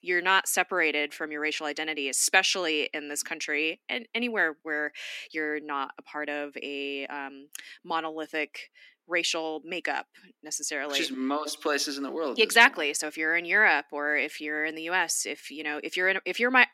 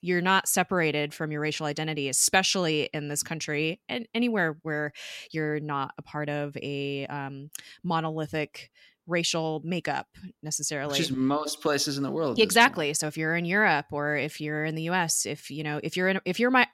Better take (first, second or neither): second